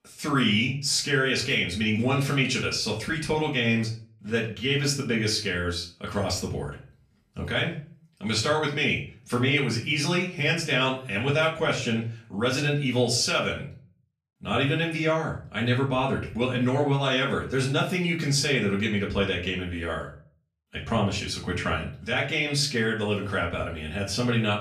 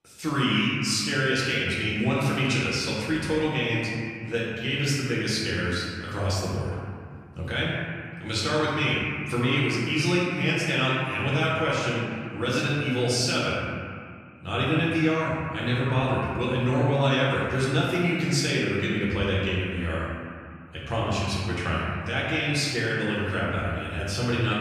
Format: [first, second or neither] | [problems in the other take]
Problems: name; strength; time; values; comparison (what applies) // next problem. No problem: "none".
first | room echo; strong; dies away in 2.1 s; slight in the first // off-mic speech; far; far in the first